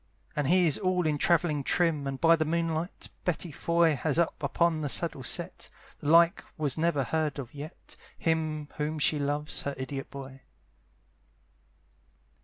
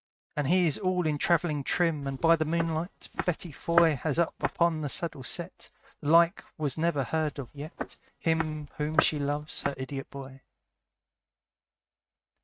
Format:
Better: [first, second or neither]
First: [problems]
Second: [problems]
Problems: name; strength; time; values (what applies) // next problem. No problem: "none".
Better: first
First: none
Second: noise reduction (neural mask model RNNoise)